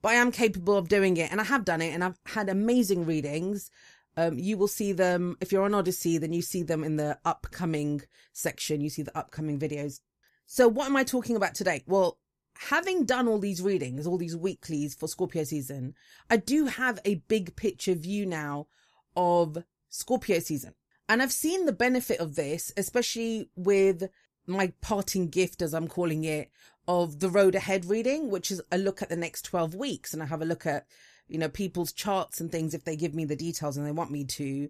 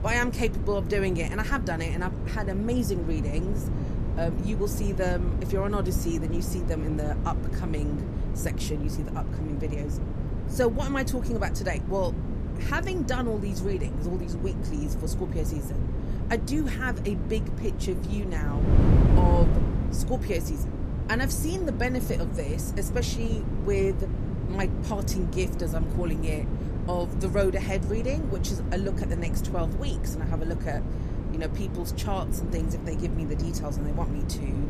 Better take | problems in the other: first | wind noise on the microphone; heavy; 6 dB below the speech

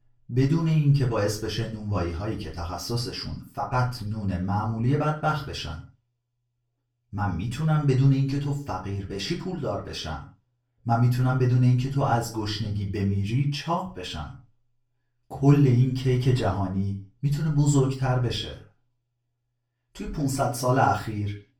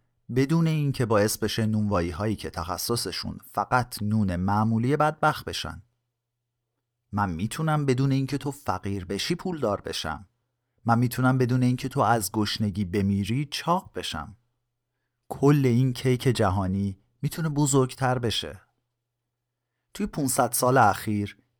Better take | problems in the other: second | room echo; slight; dies away in 0.4 s // off-mic speech; far

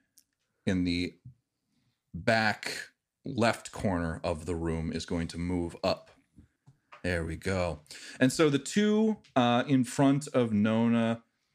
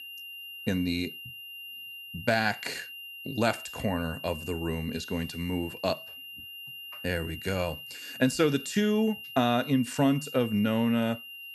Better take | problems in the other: first | high-pitched whine; noticeable; throughout; 3 kHz, 10 dB below the speech

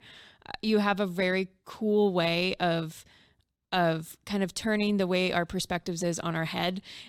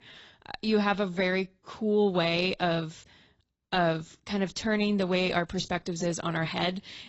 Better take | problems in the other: first | garbled, watery; badly; nothing above 8 kHz

